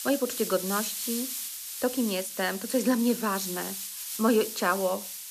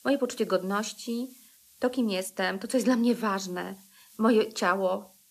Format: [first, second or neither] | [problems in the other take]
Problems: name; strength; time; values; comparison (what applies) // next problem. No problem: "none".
second | hiss; loud; throughout; 5 dB below the speech; faint in the second